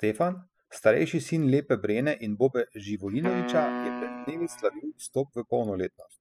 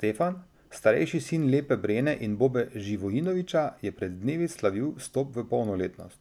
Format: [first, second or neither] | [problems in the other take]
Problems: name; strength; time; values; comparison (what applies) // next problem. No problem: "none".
second | noise reduction (classical method spectral subtraction)